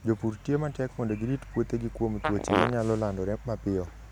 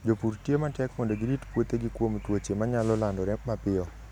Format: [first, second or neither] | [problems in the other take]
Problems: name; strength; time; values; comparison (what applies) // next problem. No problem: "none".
second | background sound (Fart); 1 dB below the speech